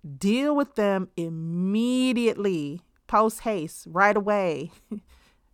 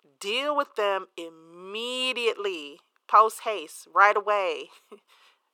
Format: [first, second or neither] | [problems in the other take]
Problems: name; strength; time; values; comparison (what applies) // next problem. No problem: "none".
first | thin; very; fading below 400 Hz